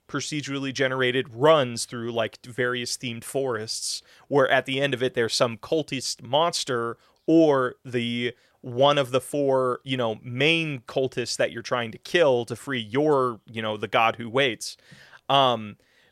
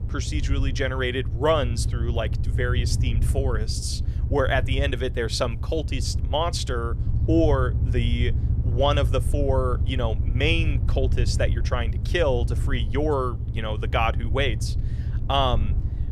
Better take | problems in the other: first | low rumble; noticeable; throughout; 15 dB below the speech

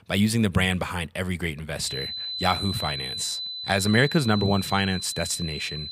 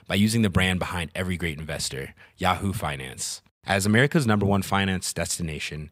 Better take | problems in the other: second | high-pitched whine; loud; from 2 s on; 4 kHz, 6 dB below the speech

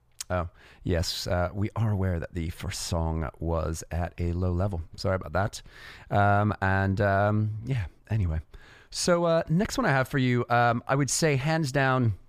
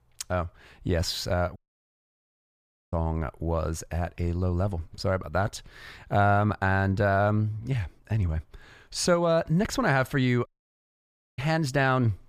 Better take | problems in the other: first | audio cutting out; at 1.5 s for 1.5 s and at 10 s for 1 s

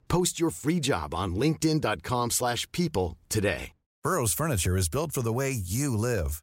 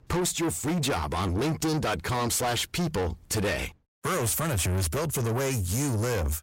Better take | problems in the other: first | distortion; heavy; 7 dB below the speech

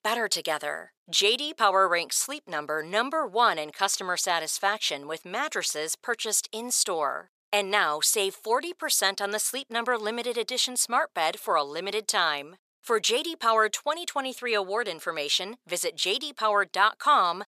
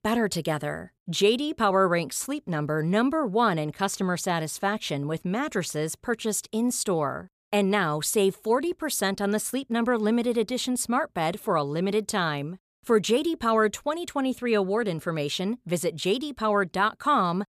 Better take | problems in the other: second | thin; very; fading below 650 Hz

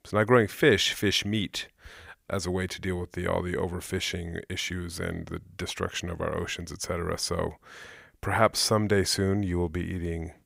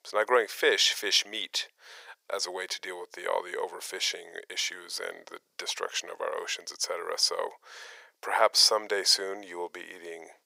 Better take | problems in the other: first | thin; very; fading below 500 Hz

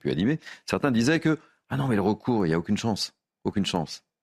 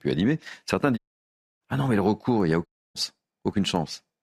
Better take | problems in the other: first | audio cutting out; at 1 s for 0.5 s and at 2.5 s

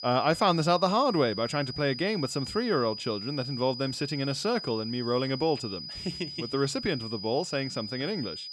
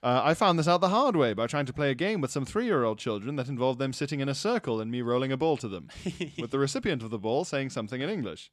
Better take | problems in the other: second | high-pitched whine; loud; throughout; 5 kHz, 8 dB below the speech

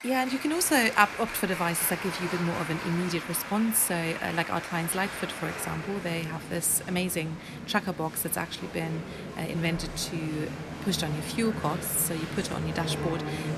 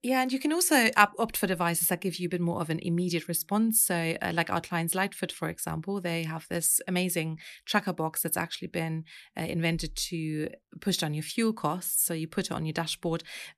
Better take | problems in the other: second | crowd noise; loud; throughout; 8 dB below the speech

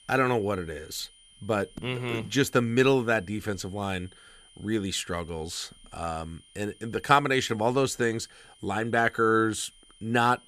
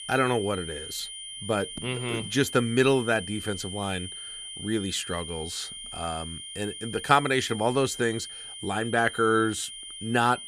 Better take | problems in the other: first | high-pitched whine; loud; throughout; 3 kHz, 10 dB below the speech; faint in the first

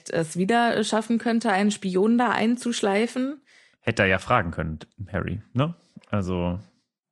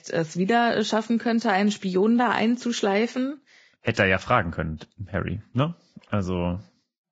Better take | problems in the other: first | garbled, watery; badly; nothing above 7.5 kHz; slightly in the first

